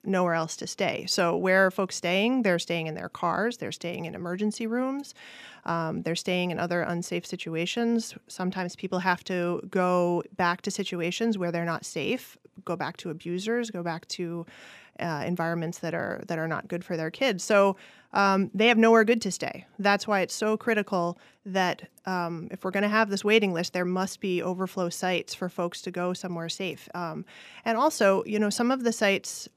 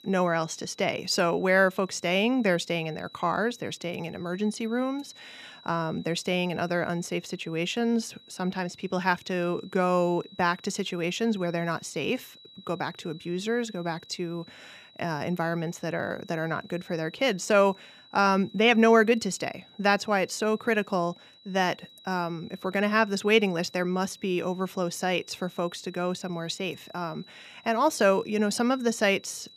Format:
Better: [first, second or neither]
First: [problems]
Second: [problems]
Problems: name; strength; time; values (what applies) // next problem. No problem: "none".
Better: first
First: none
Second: high-pitched whine; faint; throughout; 4 kHz, 25 dB below the speech